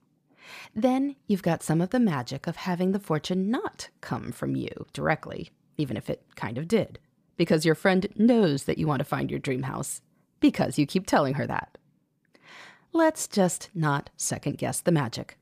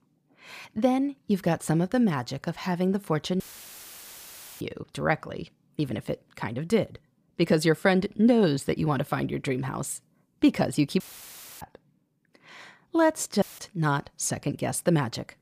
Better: first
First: none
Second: audio cutting out; filled with static; at 3.5 s for 1 s, at 11 s for 0.5 s and at 13 s

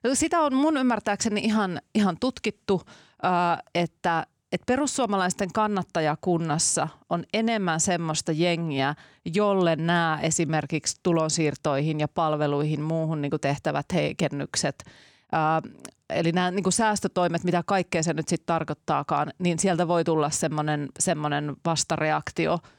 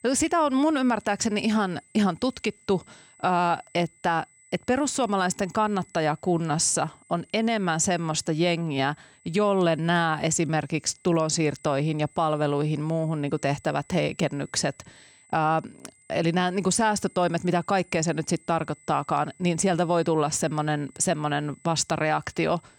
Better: first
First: none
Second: high-pitched whine; faint; throughout; 8 kHz, 30 dB below the speech

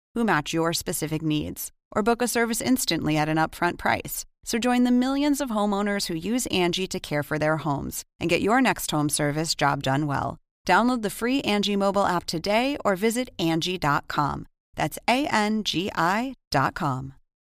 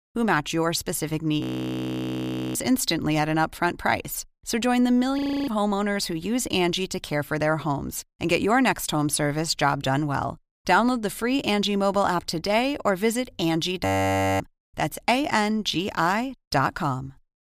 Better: first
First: none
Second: audio freezing; at 1.5 s for 1 s, at 5 s and at 14 s for 0.5 s

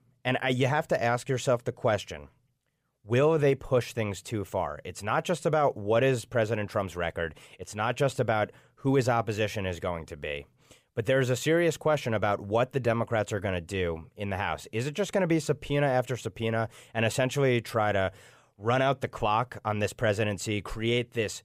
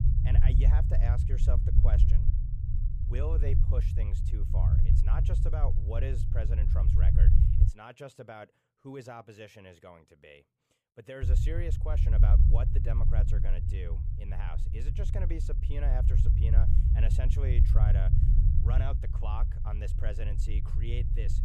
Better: first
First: none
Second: low rumble; loud; until 7.5 s and from 11 s on; 1 dB below the speech

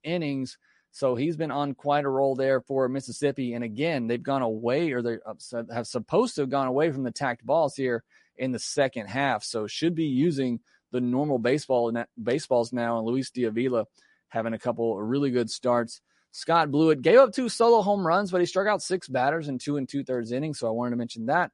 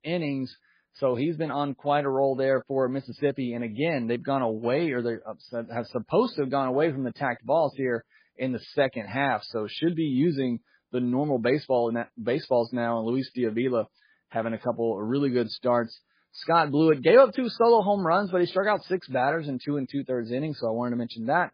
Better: first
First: garbled, watery; slightly; nothing above 10.5 kHz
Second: garbled, watery; badly

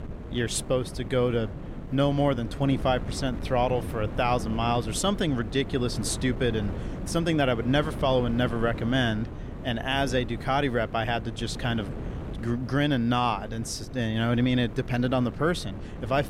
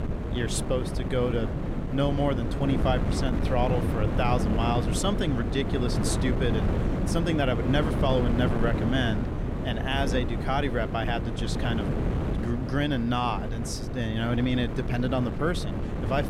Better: first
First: wind noise on the microphone; occasional gusts; 15 dB below the speech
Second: wind noise on the microphone; heavy; 5 dB below the speech

